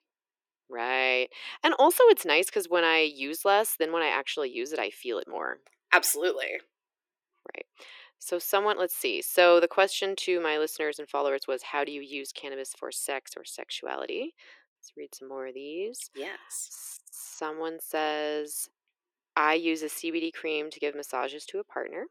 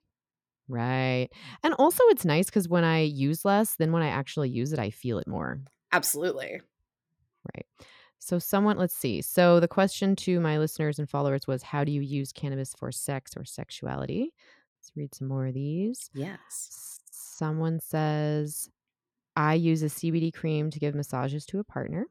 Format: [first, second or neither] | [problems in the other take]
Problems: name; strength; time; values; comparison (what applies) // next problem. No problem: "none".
second | thin; very; fading below 350 Hz